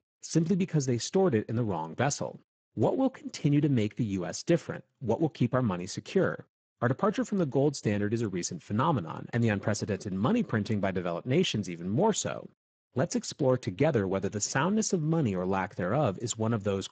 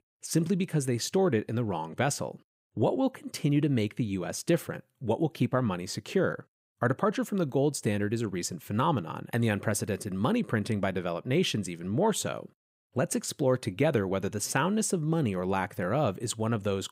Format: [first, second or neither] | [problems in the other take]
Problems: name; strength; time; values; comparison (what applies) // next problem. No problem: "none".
second | garbled, watery; badly; nothing above 7.5 kHz